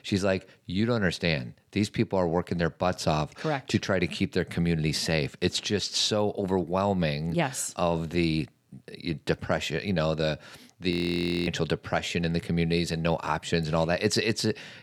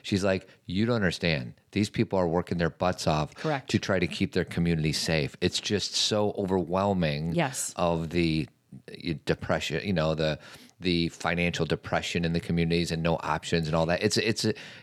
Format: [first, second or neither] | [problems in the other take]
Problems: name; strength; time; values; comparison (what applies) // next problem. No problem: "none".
second | audio freezing; at 11 s for 0.5 s